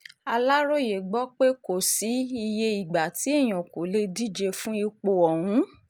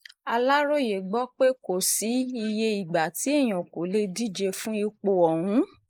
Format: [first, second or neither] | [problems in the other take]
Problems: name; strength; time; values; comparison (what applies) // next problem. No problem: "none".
first | noise reduction (neural mask model Resemble Enhance denoiser)